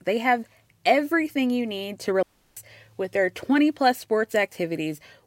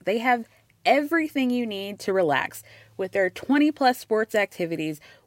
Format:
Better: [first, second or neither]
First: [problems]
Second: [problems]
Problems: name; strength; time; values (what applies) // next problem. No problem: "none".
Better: second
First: audio cutting out; at 2 s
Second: none